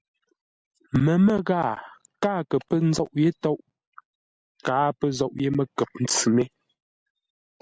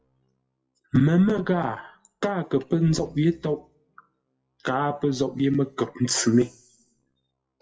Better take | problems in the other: first | noise reduction (classical method WPE with log-MMSE)

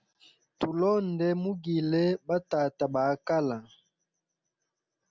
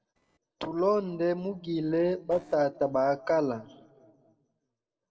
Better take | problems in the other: first | noise reduction (neural separator model SepFormer DNS4)

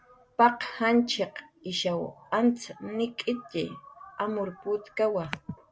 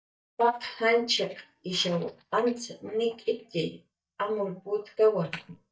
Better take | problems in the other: first | noise reduction (neural mask model DeepFilterNet 3)

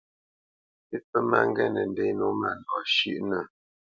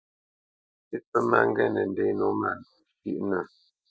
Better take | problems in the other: first | noise reduction (neural mask model DeepFilterNet 3)

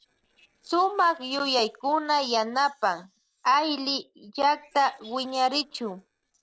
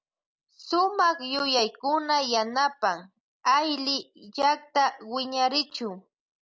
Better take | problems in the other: second | noise reduction (neural separator model SepFormer DNS4)

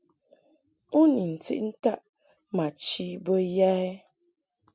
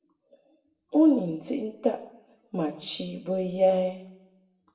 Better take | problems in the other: first | room echo; dies away in 0.6 s

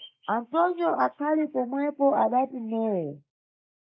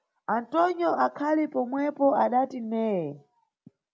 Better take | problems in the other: second | noise reduction (neural mask model Resemble Enhance denoiser)

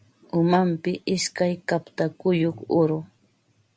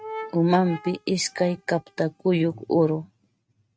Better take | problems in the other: first | noise reduction (neural mask model RNNoise)

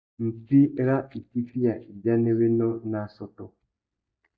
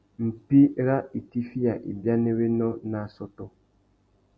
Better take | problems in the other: second | noise reduction (neural mask model DeepFilterNet 3)

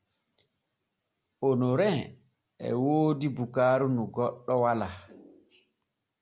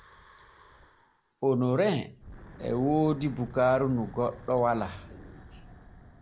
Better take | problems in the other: first | background sound (Wind / Breathing); 19 dB below the speech

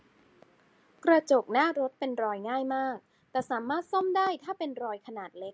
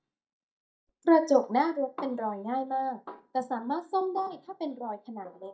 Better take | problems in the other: first | noise reduction (neural mask model DeepFilterNet 3)

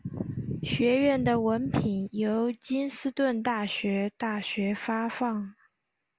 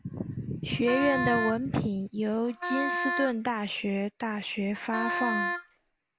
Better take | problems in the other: first | background sound (Wind instrument, woodwind instrument); 3 dB below the speech

